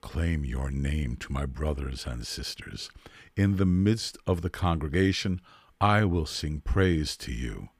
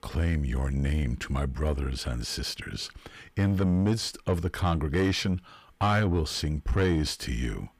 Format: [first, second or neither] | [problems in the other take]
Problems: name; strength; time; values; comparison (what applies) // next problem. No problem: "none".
first | distortion; slight; 10 dB below the speech